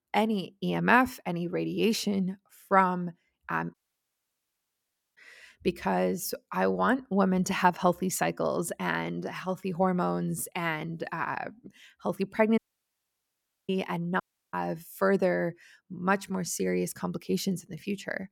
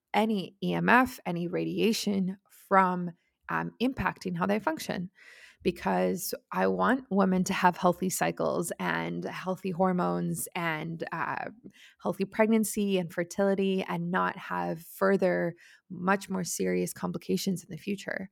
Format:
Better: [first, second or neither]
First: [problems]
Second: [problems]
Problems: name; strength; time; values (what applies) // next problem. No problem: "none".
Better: second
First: audio cutting out; at 3.5 s for 1.5 s, at 13 s for 1 s and at 14 s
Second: none